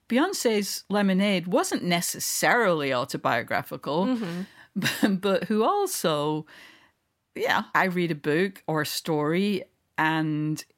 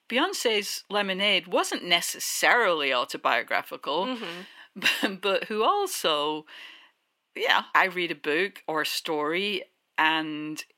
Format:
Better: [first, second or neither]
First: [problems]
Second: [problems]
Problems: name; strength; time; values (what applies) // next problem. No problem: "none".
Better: first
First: none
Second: thin; somewhat; fading below 400 Hz